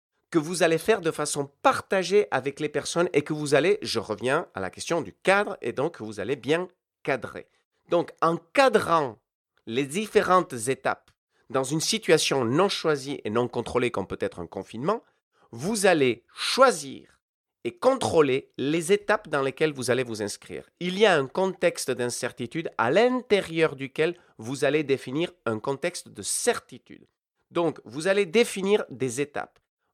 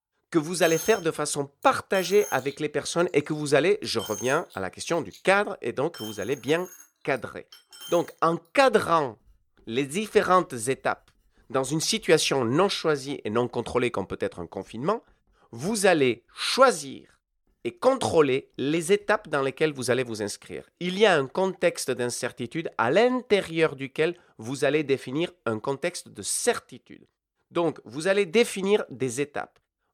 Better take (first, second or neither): first